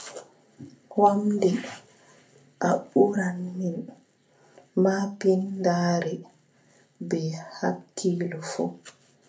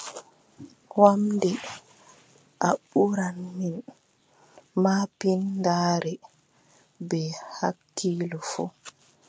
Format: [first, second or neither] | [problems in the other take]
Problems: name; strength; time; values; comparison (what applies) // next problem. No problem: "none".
second | room echo; dies away in 0.3 s